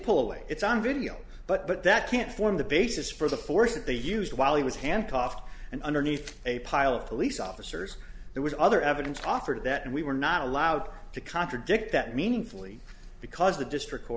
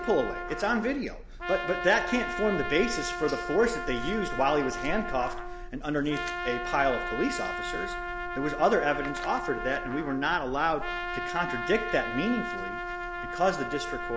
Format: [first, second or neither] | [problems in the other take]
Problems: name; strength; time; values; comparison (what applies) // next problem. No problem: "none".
first | background sound (Trumpet); 6 dB below the speech